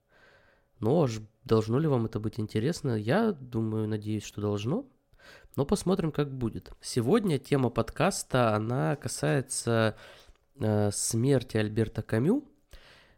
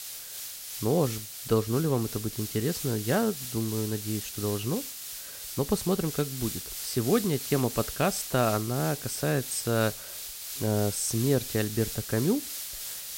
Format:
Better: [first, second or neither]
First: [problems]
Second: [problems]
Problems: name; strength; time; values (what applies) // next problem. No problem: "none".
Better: first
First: none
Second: hiss; loud; throughout; 6 dB below the speech